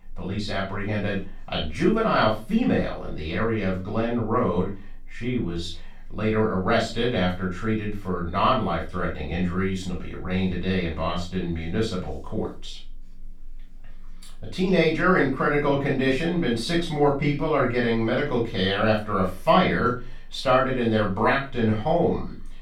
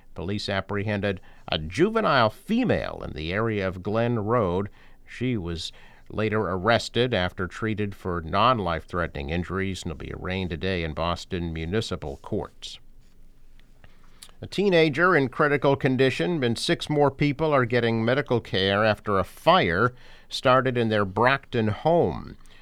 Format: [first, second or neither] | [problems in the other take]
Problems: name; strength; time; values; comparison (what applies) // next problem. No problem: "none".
second | off-mic speech; far // room echo; noticeable; dies away in 0.3 s